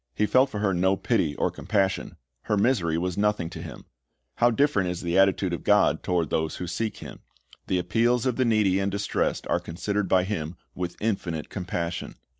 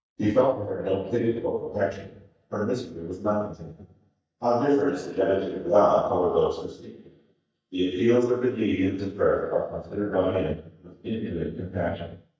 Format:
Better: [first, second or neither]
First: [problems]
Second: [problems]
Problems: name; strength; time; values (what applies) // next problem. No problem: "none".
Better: first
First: none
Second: noise reduction (neural mask model DeepFilterNet 3)